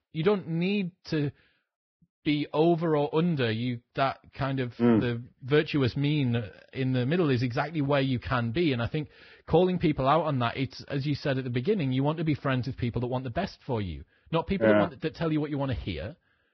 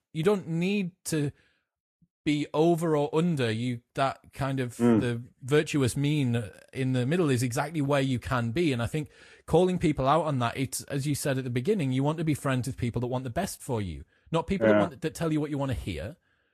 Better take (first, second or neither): second